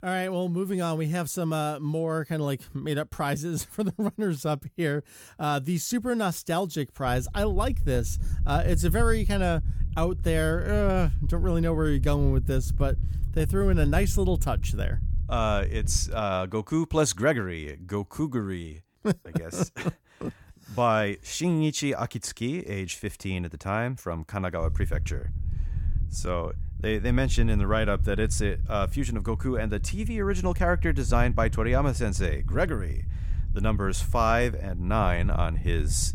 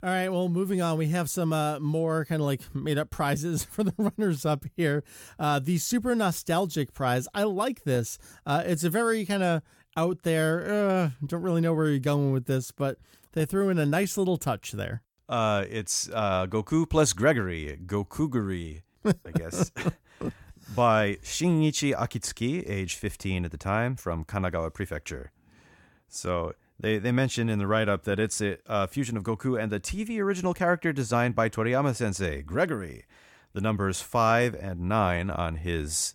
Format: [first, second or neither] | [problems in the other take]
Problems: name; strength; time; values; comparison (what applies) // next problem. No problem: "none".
second | low rumble; noticeable; from 7 to 16 s and from 25 s on; 20 dB below the speech